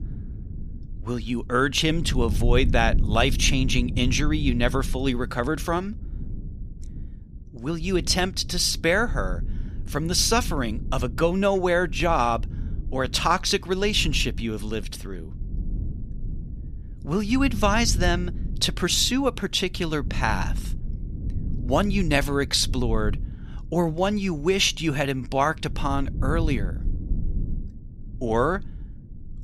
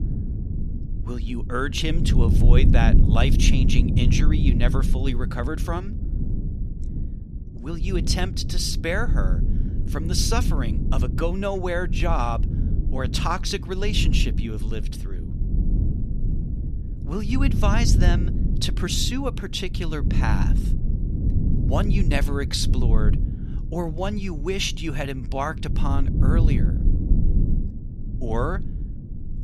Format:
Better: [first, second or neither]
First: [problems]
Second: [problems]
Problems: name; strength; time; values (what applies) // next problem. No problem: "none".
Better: first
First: low rumble; faint; throughout; 20 dB below the speech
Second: low rumble; loud; throughout; 9 dB below the speech